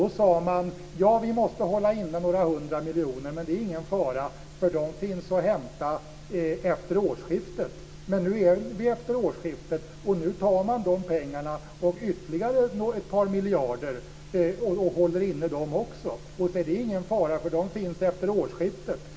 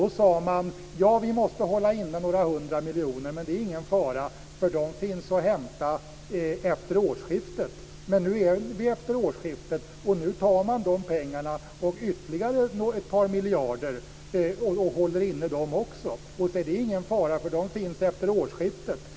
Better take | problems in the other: second | room echo; dies away in 0.6 s

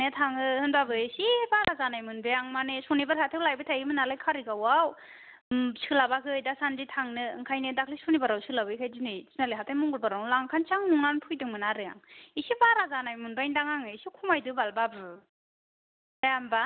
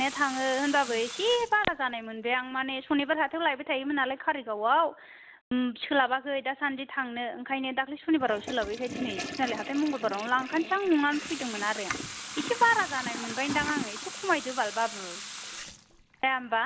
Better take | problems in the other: first | background sound (Toilet flush / Water tap, faucet); 12 dB below the speech

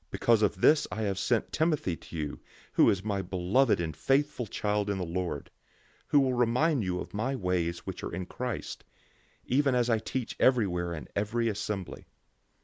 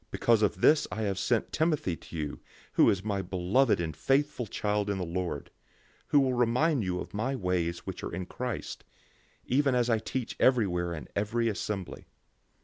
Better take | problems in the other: second | noise reduction (neural mask model Resemble Enhance denoiser)

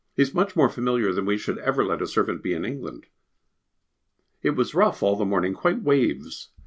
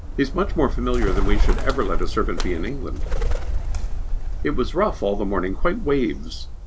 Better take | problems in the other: first | background sound (Bird); 3 dB above the speech

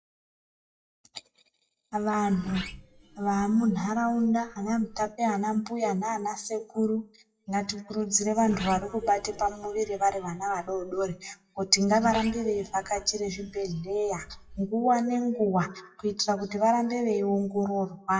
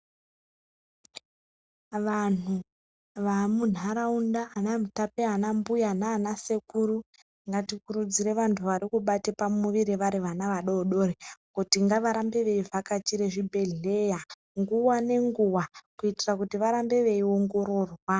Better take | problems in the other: second | noise reduction (classical method WPE with log-MMSE)

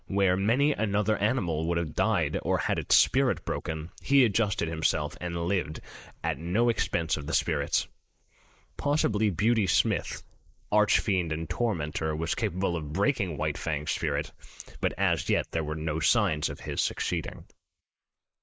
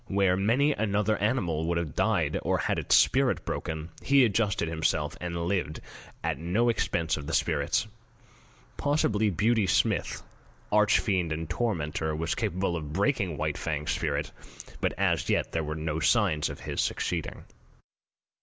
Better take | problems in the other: second | noise reduction (neural mask model Resemble Enhance denoiser)

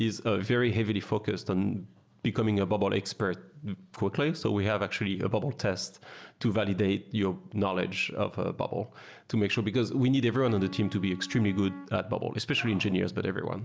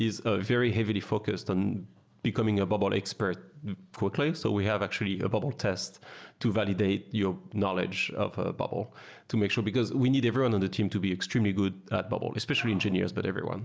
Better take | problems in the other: second | background sound (Wind instrument, woodwind instrument); 17 dB below the speech

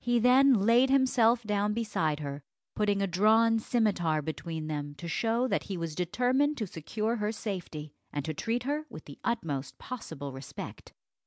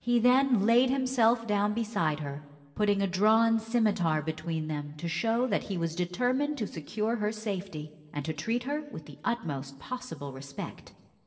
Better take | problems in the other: first | room echo; dies away in 0.9 s

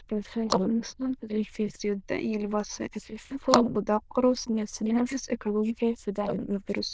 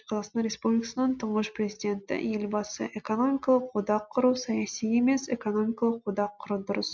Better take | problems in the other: second | noise reduction (neural diffusion model UNIVERSE++)

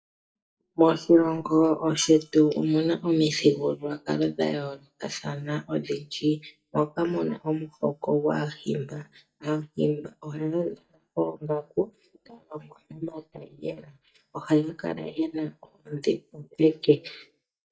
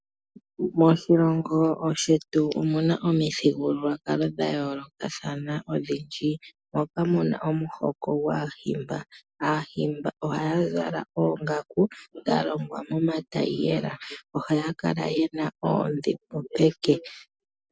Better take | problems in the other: second | noise reduction (neural mask model DeepFilterNet 3)

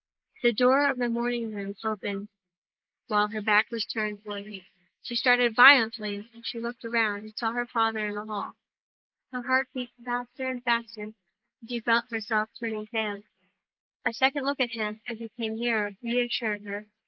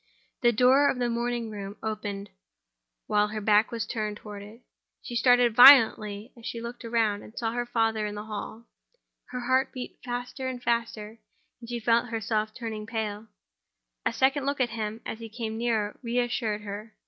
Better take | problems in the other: second | noise reduction (neural mask model Resemble Enhance denoiser)

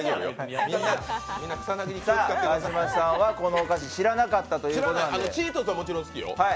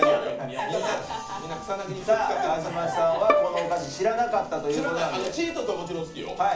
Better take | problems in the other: first | background sound (Bowed string instrument); 6 dB below the speech // room echo; dies away in 0.4 s

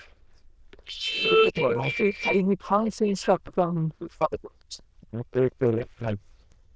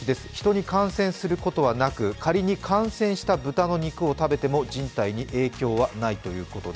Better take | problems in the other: second | noise reduction (neural diffusion model UNIVERSE++)

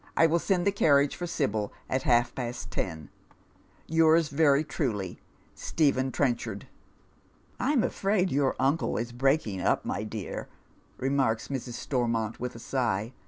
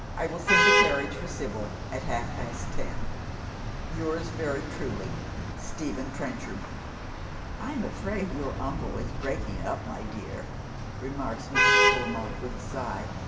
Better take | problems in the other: first | background sound (Traffic noise, roadway noise / Vehicle horn, car horn, honking); 4 dB above the speech // room echo; dies away in 2.3 s

